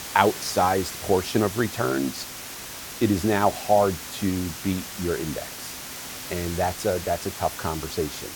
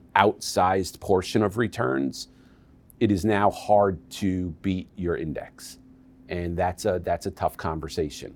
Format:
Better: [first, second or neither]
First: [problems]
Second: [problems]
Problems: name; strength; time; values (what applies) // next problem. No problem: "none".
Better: second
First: hiss; loud; throughout; 9 dB below the speech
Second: none